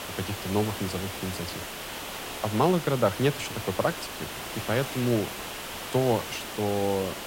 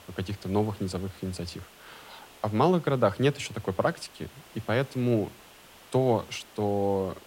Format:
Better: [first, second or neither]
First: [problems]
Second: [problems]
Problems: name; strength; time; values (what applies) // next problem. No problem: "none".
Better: second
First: hiss; loud; throughout; 7 dB below the speech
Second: hiss; faint; throughout; 20 dB below the speech